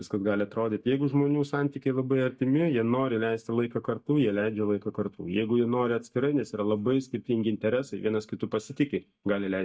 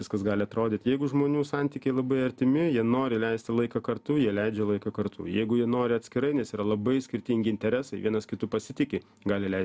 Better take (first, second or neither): second